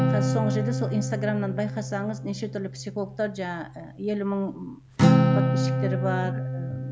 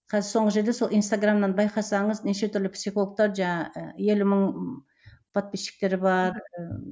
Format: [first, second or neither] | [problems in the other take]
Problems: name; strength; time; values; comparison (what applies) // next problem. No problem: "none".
second | background sound (Acoustic guitar); 4 dB above the speech